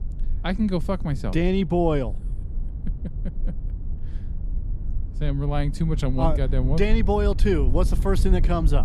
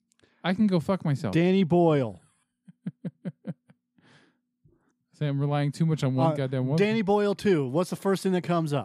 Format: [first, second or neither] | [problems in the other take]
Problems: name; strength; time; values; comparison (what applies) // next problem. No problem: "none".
second | low rumble; noticeable; throughout; 20 dB below the speech